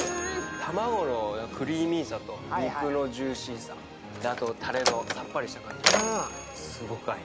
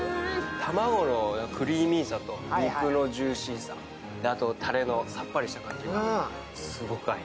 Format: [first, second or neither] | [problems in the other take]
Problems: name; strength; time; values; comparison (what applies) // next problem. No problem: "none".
second | background sound (Mechanisms); 4 dB below the speech